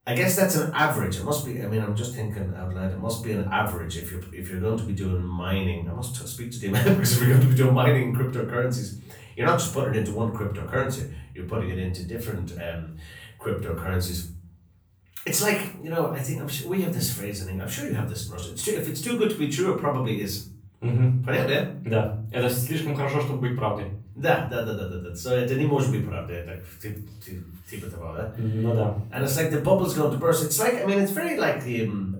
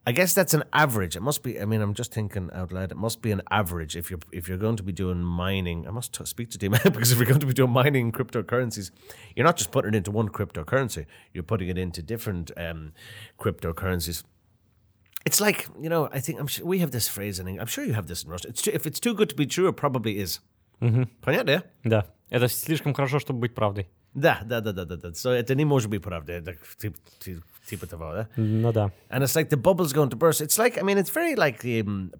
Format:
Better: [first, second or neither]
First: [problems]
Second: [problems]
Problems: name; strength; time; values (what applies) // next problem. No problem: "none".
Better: second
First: off-mic speech; far // room echo; noticeable; dies away in 0.5 s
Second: none